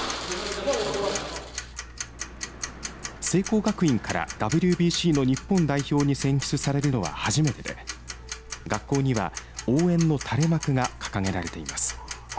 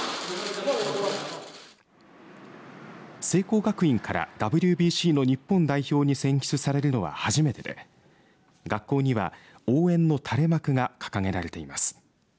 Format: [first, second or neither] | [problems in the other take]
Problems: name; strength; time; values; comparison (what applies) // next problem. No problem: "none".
second | background sound (Tick-tock); 12 dB below the speech